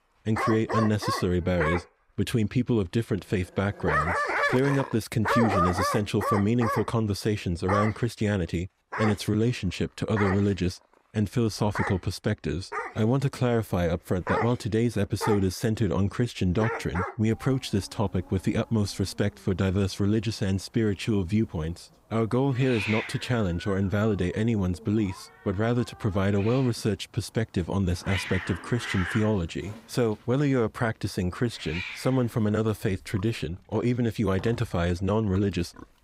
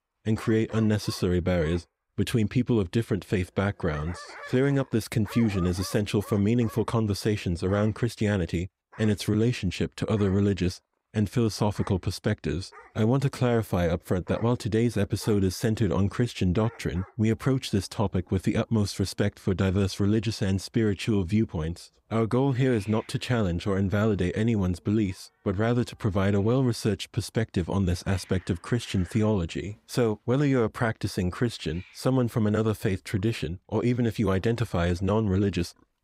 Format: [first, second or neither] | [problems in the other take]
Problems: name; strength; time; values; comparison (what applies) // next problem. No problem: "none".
second | animal sounds; loud; throughout; 4 dB below the speech; faint in the second